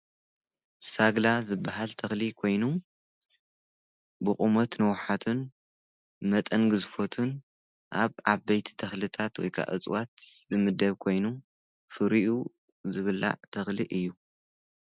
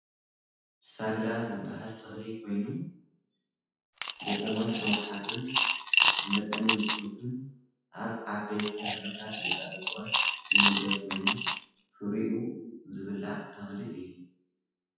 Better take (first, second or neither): first